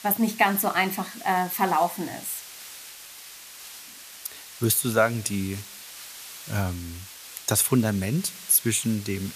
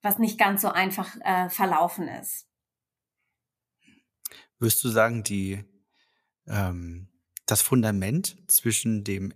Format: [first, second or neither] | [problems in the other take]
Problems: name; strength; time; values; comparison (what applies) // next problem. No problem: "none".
second | hiss; noticeable; throughout; 15 dB below the speech